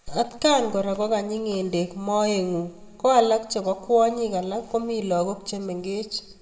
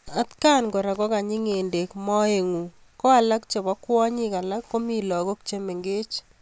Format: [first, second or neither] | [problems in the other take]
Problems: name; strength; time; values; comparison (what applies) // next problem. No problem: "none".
second | room echo; dies away in 1 s